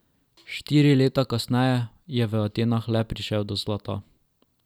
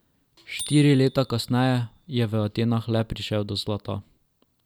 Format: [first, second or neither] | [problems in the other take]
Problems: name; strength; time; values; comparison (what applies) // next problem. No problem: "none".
first | background sound (Bicycle bell); 20 dB below the speech